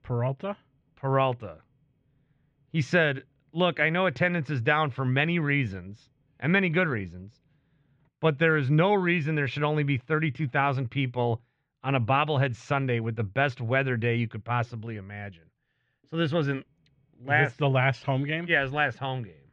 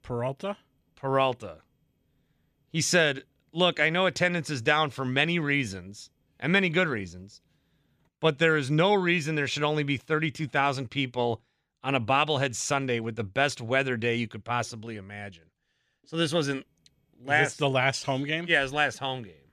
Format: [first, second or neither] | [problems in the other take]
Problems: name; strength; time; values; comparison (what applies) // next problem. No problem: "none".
second | muffled; very; fading above 2 kHz